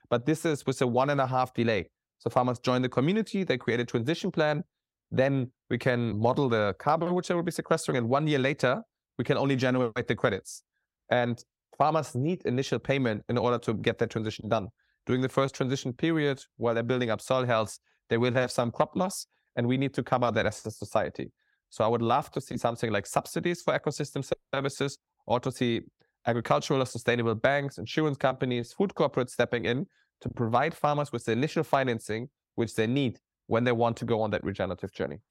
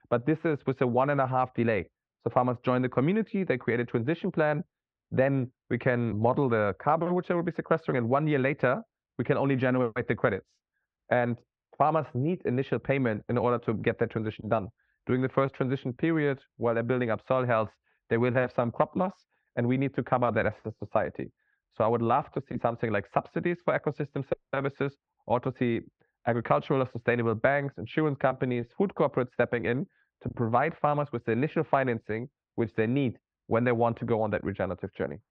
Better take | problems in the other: first | muffled; very; fading above 2.5 kHz

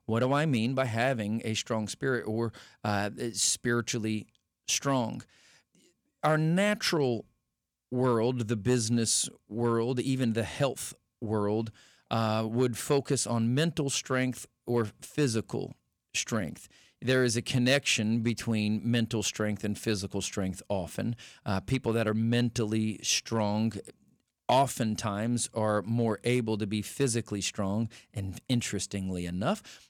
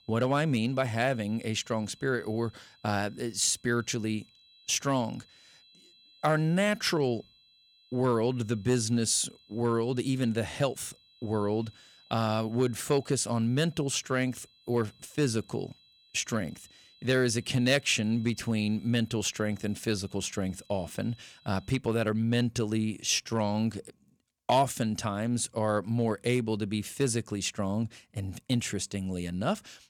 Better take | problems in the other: first | high-pitched whine; faint; until 22 s; 4 kHz, 30 dB below the speech

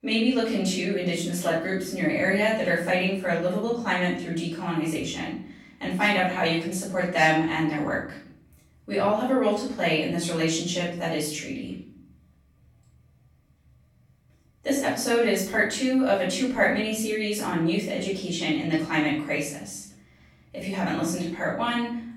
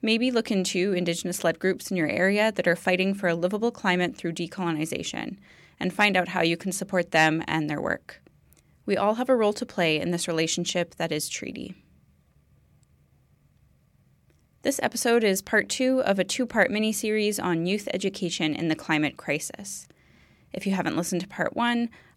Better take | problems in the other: second | off-mic speech; far // room echo; noticeable; dies away in 0.6 s

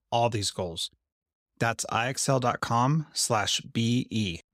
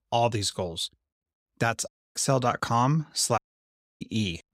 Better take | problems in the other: first | audio cutting out; at 2 s and at 3.5 s for 0.5 s

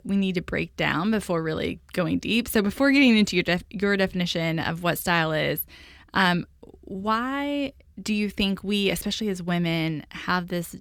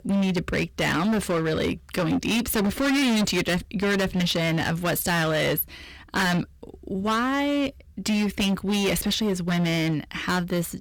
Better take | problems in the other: first | distortion; heavy; 22% of the sound clipped

